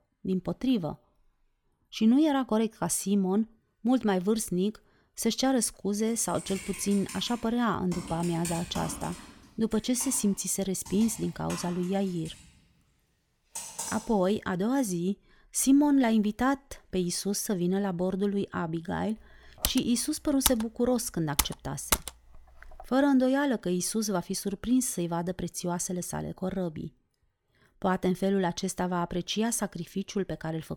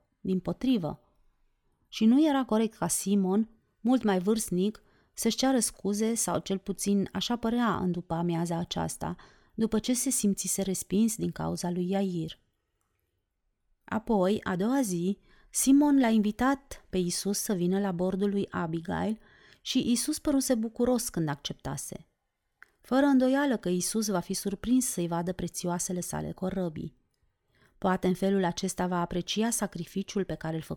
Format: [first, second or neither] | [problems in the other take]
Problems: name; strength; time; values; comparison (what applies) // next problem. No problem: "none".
second | keyboard typing; noticeable; from 6.5 to 14 s; peak 6 dB below the speech // keyboard typing; loud; from 20 to 22 s; peak level with the speech